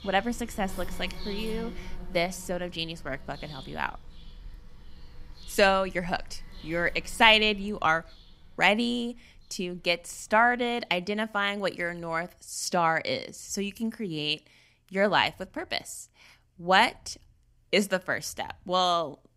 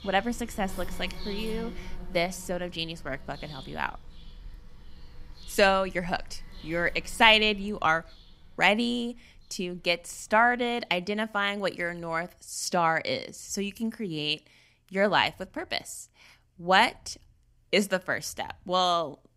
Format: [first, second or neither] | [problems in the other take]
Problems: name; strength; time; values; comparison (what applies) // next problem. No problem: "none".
neither | animal sounds; noticeable; throughout; 20 dB below the speech; the same in both